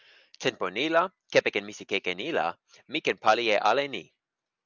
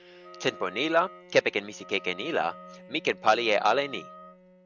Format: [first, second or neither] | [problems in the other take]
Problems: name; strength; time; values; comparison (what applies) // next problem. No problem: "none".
first | background sound (Wind instrument, woodwind instrument + Bowed string instrument); 19 dB below the speech